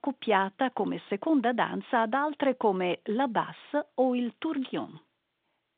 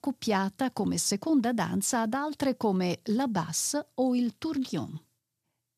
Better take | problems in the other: second | phone-call audio

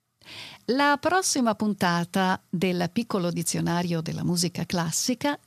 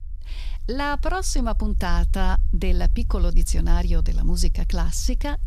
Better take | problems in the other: first | low rumble; faint; throughout; 20 dB below the speech

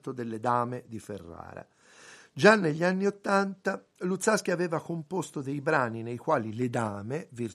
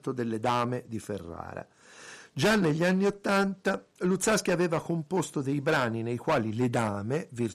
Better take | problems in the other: first | distortion; heavy; 8% of the sound clipped

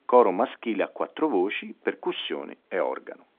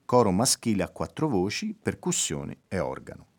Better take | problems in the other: second | phone-call audio; nothing above 3.5 kHz

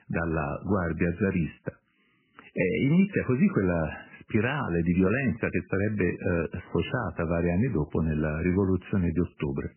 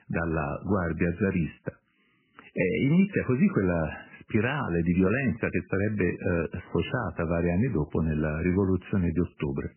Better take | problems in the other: neither | garbled, watery; badly; nothing above 3 kHz; the same in both

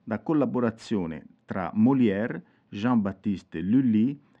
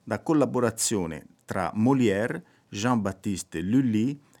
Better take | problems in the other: second | muffled; very; fading above 3.5 kHz

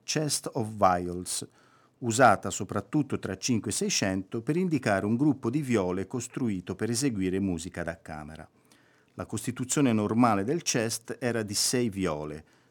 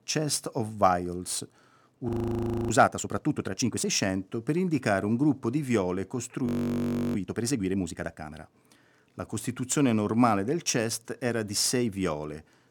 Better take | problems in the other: first | audio freezing; at 2 s for 0.5 s and at 6.5 s for 0.5 s

